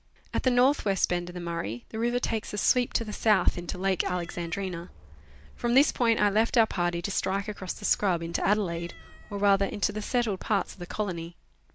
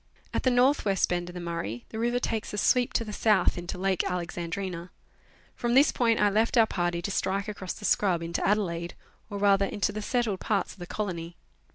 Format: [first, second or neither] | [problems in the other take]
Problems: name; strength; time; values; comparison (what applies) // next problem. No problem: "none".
second | background sound (Cat); 20 dB below the speech